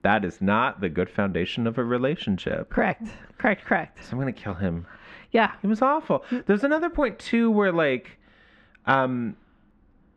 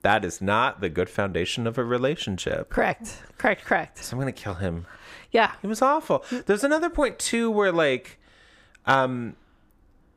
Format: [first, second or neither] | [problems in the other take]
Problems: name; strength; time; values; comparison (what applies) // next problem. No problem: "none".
second | muffled; slightly; fading above 2.5 kHz